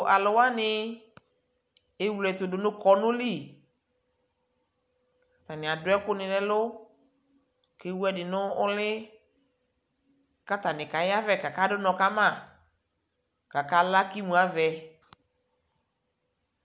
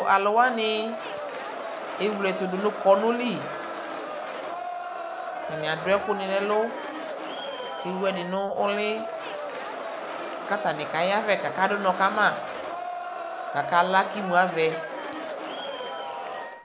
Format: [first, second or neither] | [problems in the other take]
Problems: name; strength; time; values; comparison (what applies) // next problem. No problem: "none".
first | background sound (Crowd); 6 dB below the speech